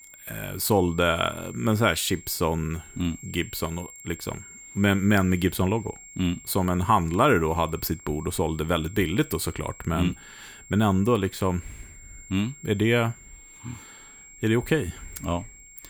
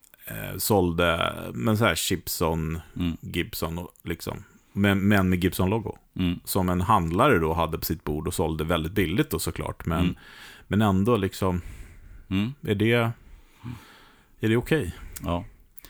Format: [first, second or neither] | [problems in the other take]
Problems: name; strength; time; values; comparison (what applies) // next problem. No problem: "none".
second | high-pitched whine; noticeable; throughout; 7.5 kHz, 20 dB below the speech